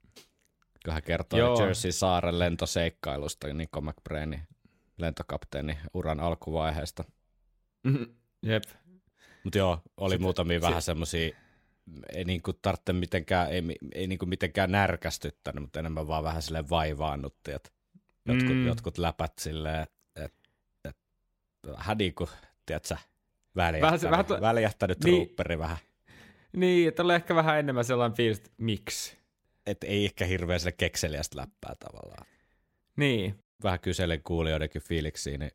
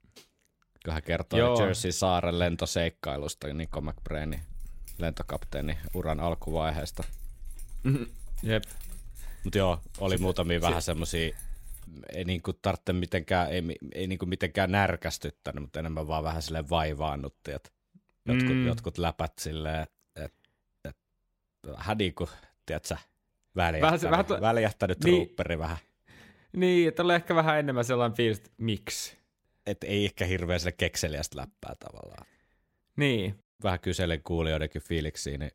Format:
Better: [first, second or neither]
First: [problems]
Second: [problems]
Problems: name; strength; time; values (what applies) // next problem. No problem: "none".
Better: first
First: none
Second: jangling keys; faint; from 3.5 to 12 s; peak 15 dB below the speech